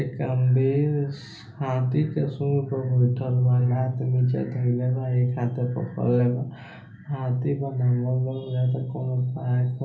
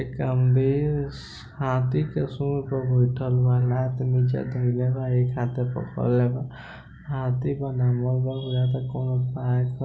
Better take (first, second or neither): second